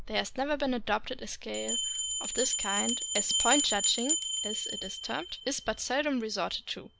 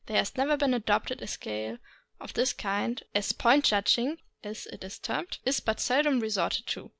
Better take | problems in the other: second | background sound (Bell); 1 dB below the speech

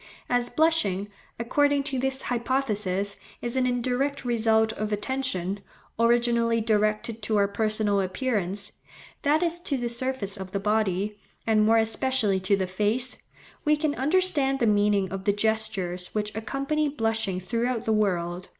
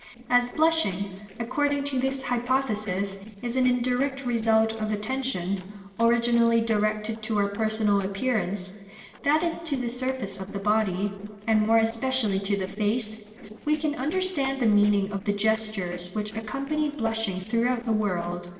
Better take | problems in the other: first | noise reduction (neural separator model SepFormer DNS4)

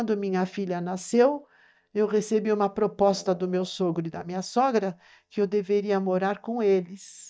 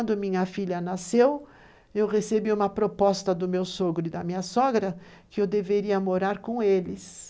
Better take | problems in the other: second | noise reduction (neural mask model DeepFilterNet 3)

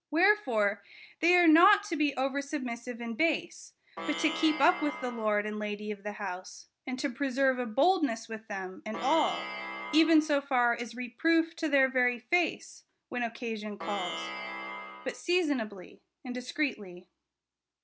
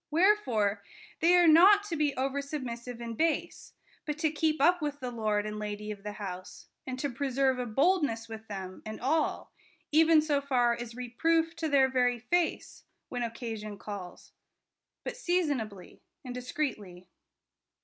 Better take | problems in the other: second | background sound (Plucked string instrument); 9 dB below the speech

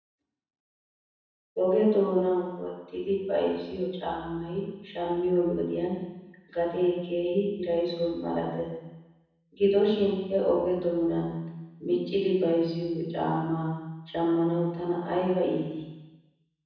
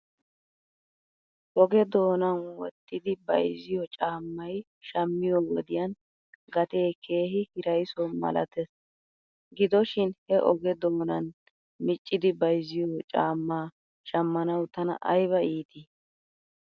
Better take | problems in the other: second | room echo; dies away in 1.1 s

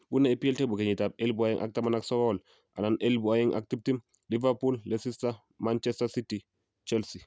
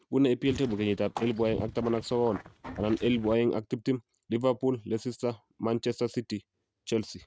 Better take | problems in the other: first | noise reduction (neural mask model RNNoise)

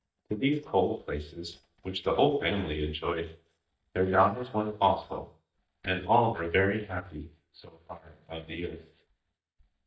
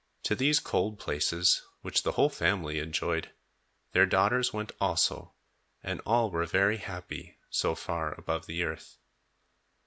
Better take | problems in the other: second | noise reduction (neural mask model DeepFilterNet 3)

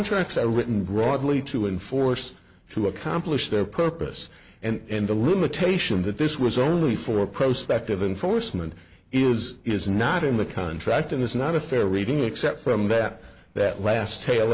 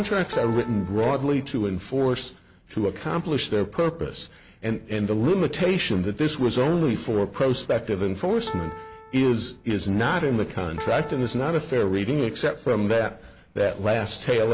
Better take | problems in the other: first | background sound (Piano); 16 dB below the speech

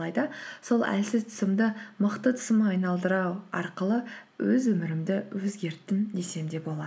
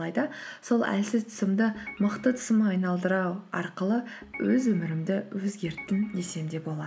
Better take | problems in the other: first | background sound (Organ); 19 dB below the speech

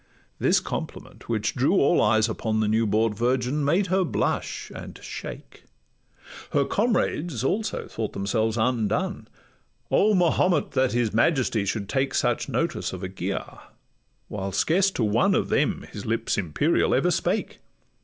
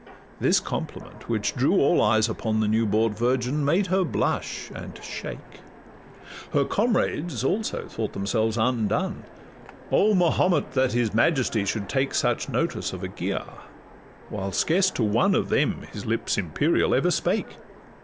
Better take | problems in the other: first | background sound (Train); 20 dB below the speech

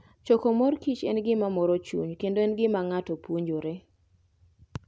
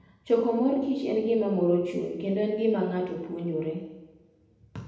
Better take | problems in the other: first | room echo; dies away in 0.9 s

